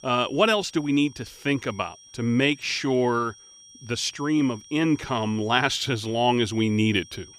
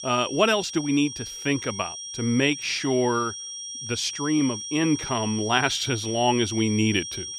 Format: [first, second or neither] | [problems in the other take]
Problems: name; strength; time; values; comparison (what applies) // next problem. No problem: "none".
first | high-pitched whine; loud; throughout; 5.5 kHz, 8 dB below the speech; faint in the first